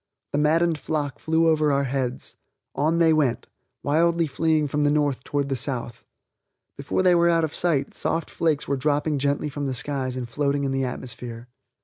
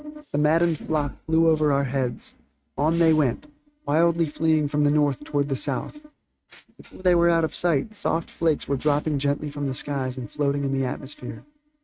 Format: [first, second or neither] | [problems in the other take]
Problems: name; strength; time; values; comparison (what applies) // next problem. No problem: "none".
first | noise reduction (neural mask model RNNoise)